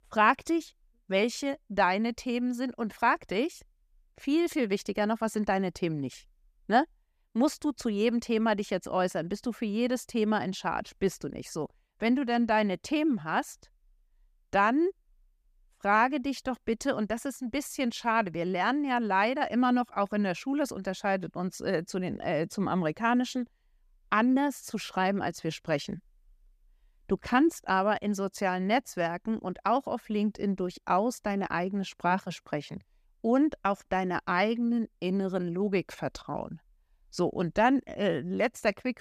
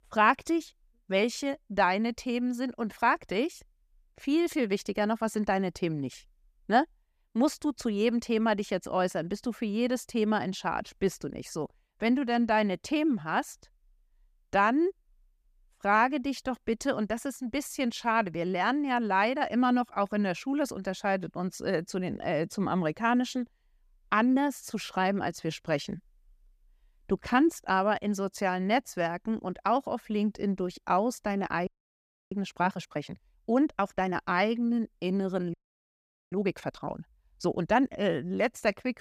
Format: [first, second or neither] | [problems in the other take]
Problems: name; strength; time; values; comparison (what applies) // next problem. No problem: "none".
first | audio freezing; at 32 s for 0.5 s and at 36 s for 1 s